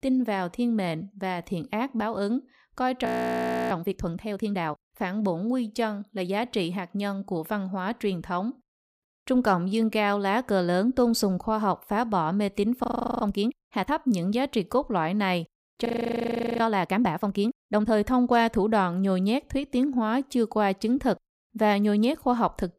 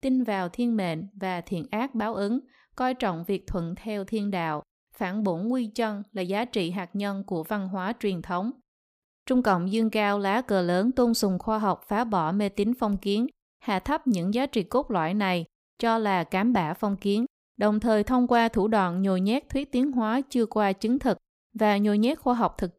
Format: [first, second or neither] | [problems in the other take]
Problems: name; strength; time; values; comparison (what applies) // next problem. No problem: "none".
second | audio freezing; at 3 s for 0.5 s, at 13 s and at 16 s for 0.5 s